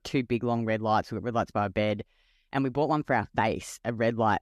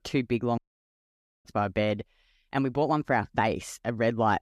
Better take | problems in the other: first | audio cutting out; at 0.5 s for 1 s

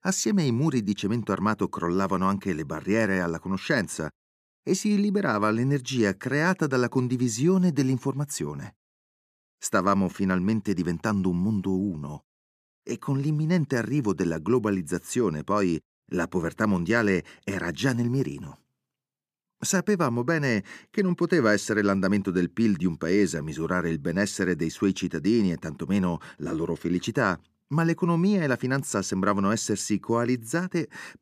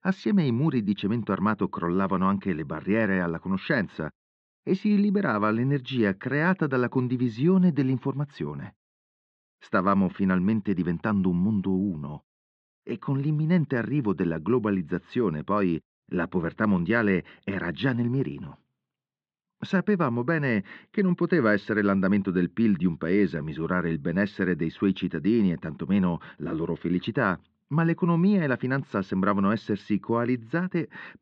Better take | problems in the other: first | muffled; very; fading above 3.5 kHz

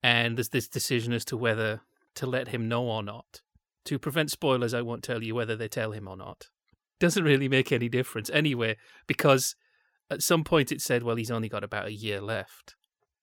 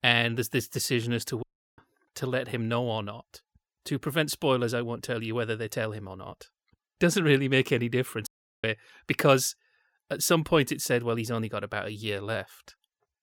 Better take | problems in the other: first | audio cutting out; at 1.5 s and at 8.5 s

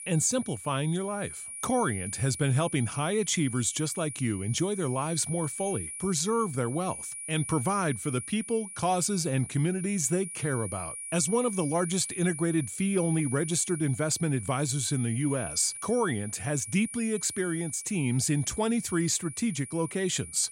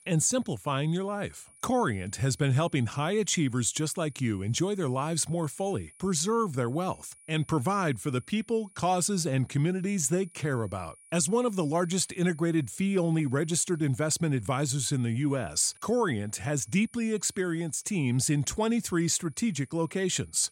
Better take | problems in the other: second | high-pitched whine; loud; throughout; 9.5 kHz, 9 dB below the speech; faint in the second

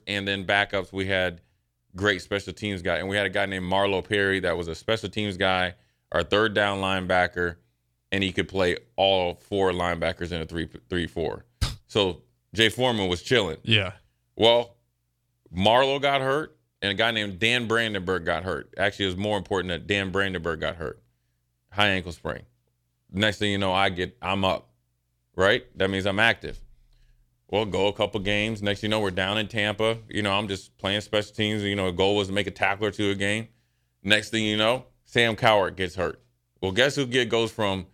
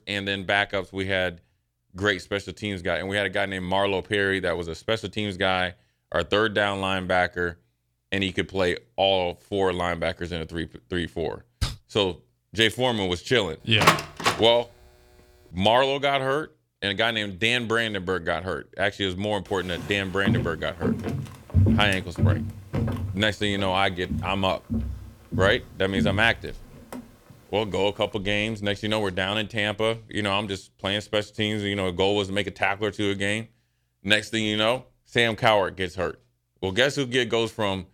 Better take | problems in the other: first | door banging; loud; at 14 s; peak 5 dB above the speech // footsteps; loud; from 20 to 27 s; peak 3 dB above the speech

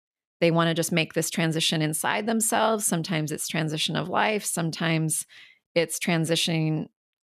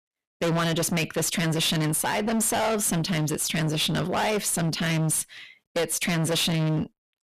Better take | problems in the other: first | distortion; heavy; 27% of the sound clipped

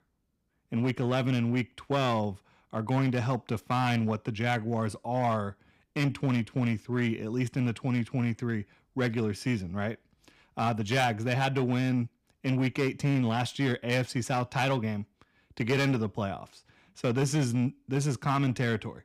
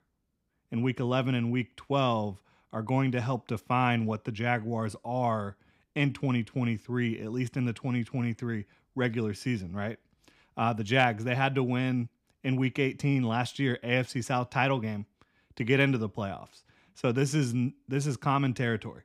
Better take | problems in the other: second | distortion; slight; 6% of the sound clipped

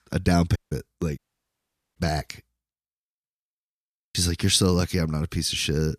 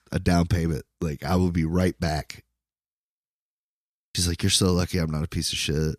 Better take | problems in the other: second | audio cutting out; at 0.5 s and at 1 s for 1 s

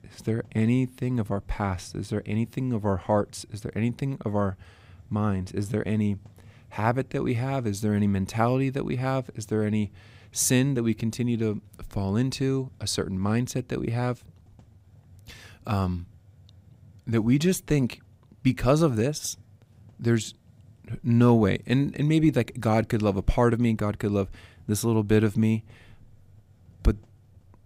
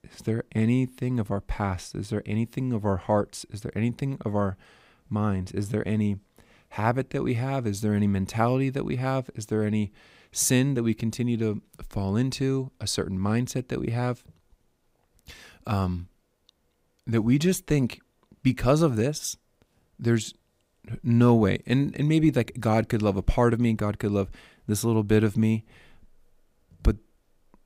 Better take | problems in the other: second | hiss; faint; throughout; 30 dB below the speech

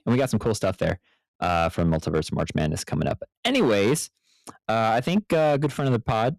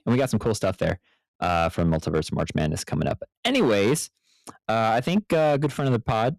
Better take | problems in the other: neither | distortion; slight; 6% of the sound clipped; the same in both

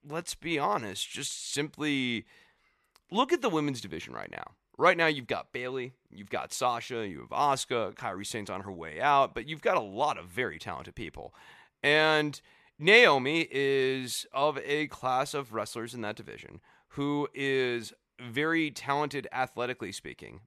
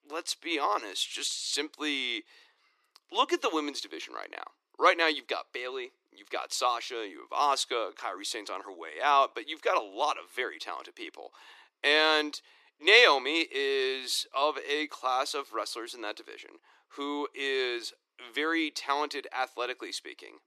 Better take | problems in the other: first | thin; somewhat; fading below 300 Hz

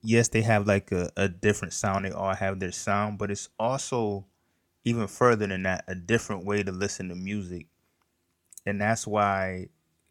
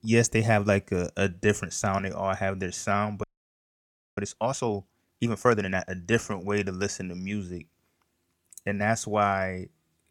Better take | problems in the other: first | audio freezing; at 3 s for 1 s

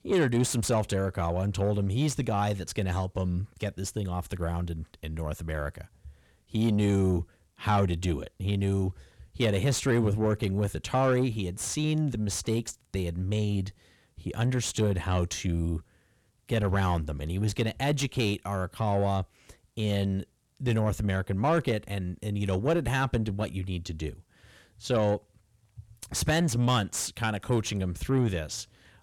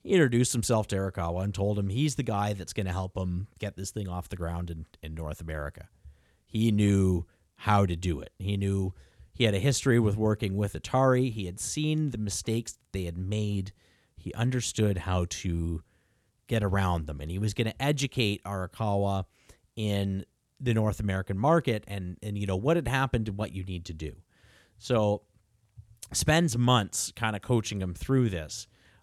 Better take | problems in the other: second | distortion; slight; 10 dB below the speech

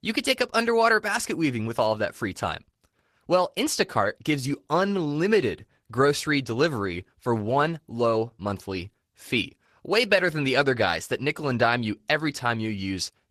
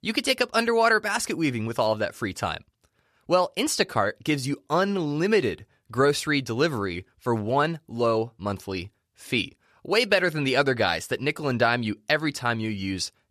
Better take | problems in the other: second | garbled, watery; slightly; nothing above 14 kHz

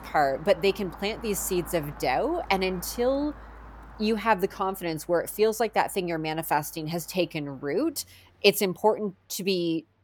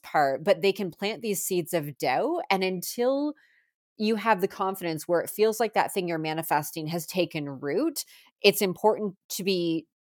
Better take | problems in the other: second | traffic noise; noticeable; throughout; 20 dB below the speech

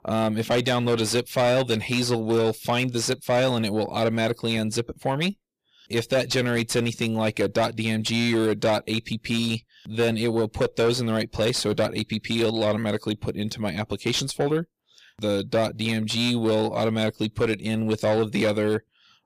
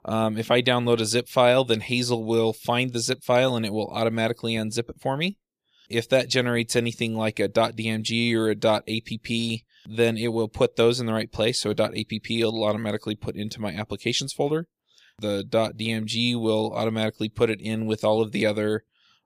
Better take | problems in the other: second | distortion; slight; 10 dB below the speech

